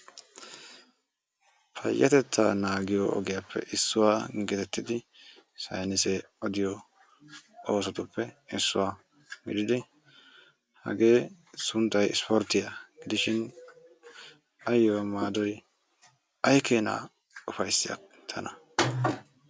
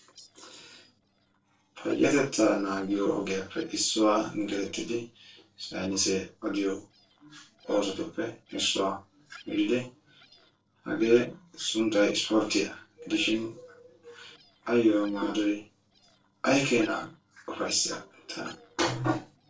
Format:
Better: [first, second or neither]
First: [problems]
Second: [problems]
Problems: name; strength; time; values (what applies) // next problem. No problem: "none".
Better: first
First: none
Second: noise reduction (neural separator model SepFormer DNS4)